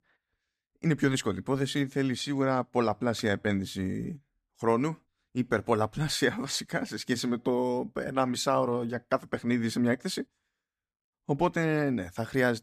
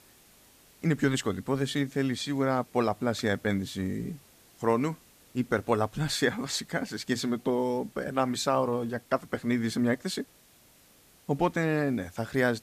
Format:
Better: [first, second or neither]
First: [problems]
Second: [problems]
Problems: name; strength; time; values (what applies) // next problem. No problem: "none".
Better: first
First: none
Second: hiss; faint; throughout; 25 dB below the speech